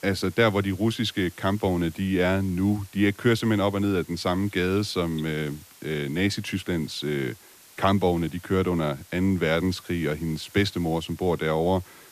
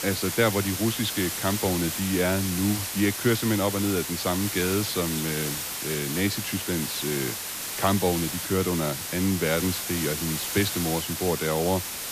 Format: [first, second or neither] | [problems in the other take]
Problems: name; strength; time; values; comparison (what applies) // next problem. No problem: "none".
first | hiss; loud; throughout; 3 dB below the speech; faint in the first